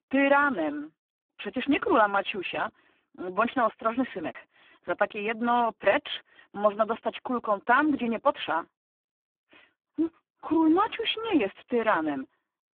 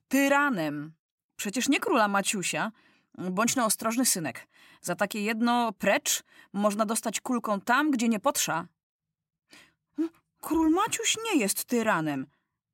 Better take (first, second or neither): second